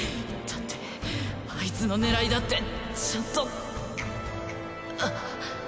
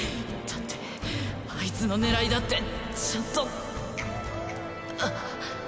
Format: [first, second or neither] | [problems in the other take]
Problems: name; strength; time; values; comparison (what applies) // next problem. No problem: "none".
first | background sound (Cheering + Traffic noise, roadway noise / Vehicle horn, car horn, honking); 16 dB below the speech